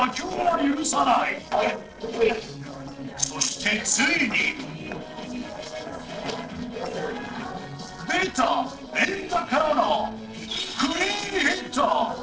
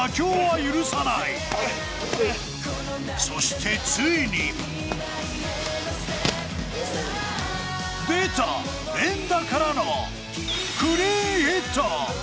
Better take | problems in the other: second | noise reduction (neural separator model SepFormer DNS4)

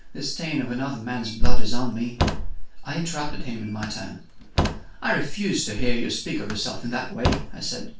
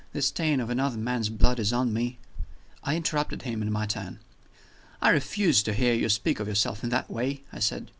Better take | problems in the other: second | background sound (Slam); 12 dB below the speech // room echo; dies away in 0.3 s

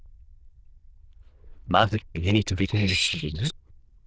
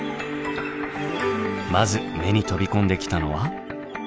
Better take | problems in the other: second | noise reduction (neural diffusion model UNIVERSE++)

